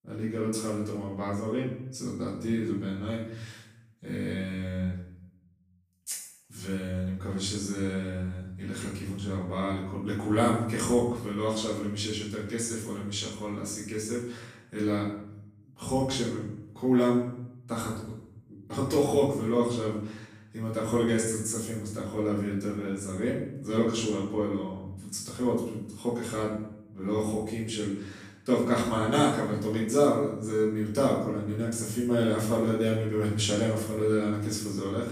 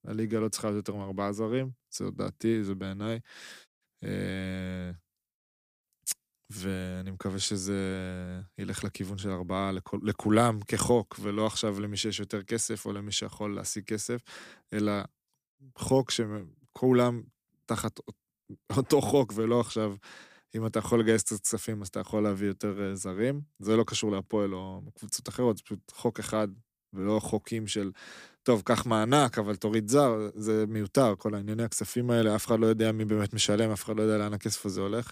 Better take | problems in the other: second | off-mic speech; far // room echo; noticeable; dies away in 0.8 s

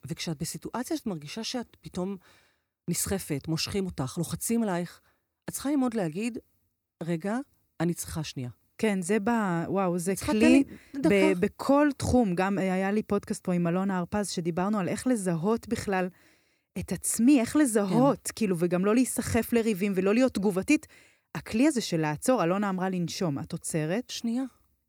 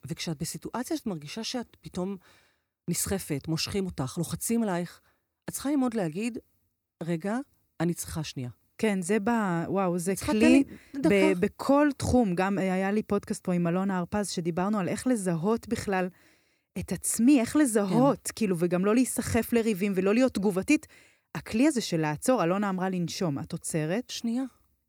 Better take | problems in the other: neither | none

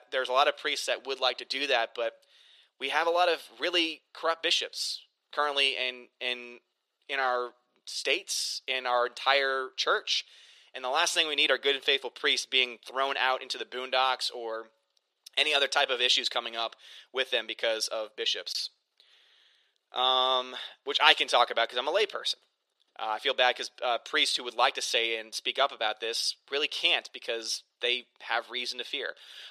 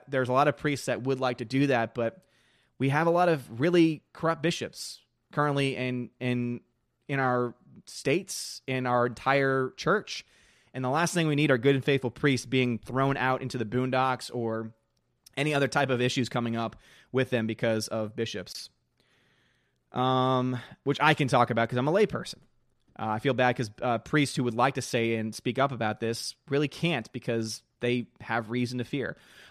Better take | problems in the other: second | thin; very; fading below 450 Hz

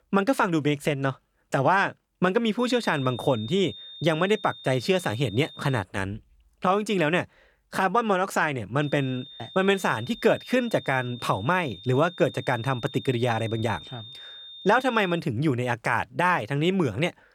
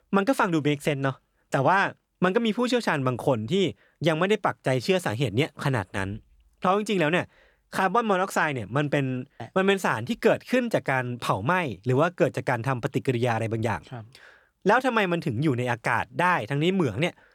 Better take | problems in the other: second | high-pitched whine; noticeable; from 2.5 to 6 s and from 9 to 15 s; 3.5 kHz, 15 dB below the speech

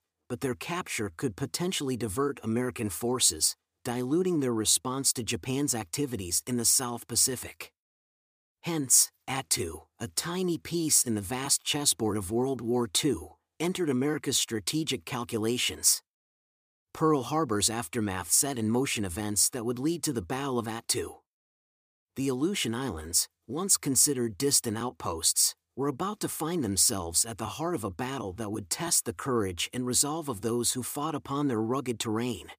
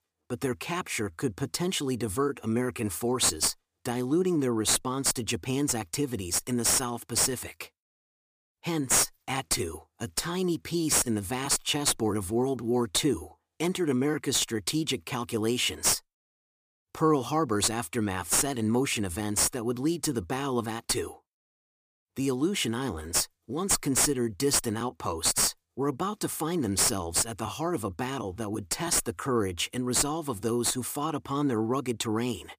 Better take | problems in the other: first | distortion; slight; 9 dB below the speech

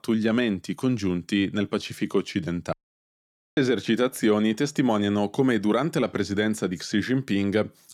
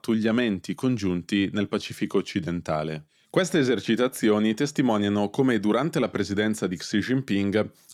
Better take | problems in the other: second | audio cutting out; at 2.5 s for 1 s

